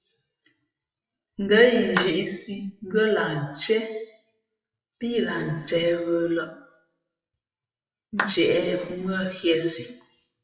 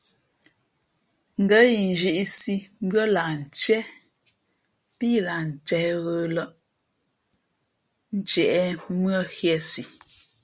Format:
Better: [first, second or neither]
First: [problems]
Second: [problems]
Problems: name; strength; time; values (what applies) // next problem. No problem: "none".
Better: second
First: noise reduction (classical method WPE with log-MMSE)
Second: none